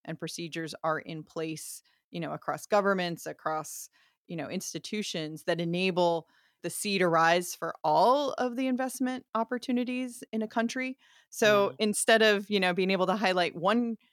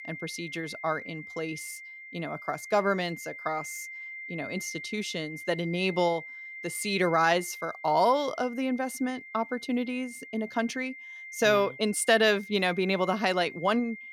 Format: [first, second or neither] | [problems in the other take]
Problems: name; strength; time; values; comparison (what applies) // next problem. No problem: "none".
first | high-pitched whine; noticeable; throughout; 2 kHz, 10 dB below the speech